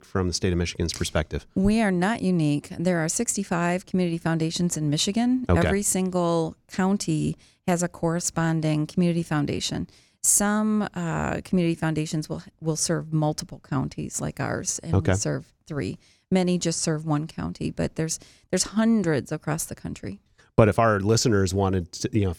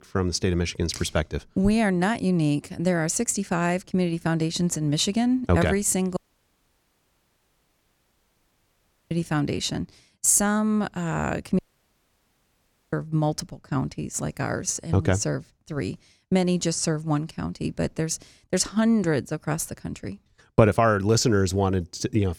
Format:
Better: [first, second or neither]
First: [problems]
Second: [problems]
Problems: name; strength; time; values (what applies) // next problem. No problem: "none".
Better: first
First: none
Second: audio cutting out; at 6 s for 3 s and at 12 s for 1.5 s